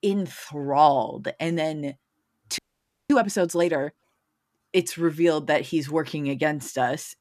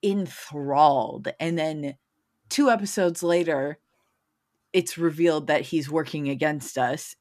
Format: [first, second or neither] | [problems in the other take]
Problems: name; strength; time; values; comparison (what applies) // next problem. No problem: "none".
second | audio freezing; at 2.5 s for 0.5 s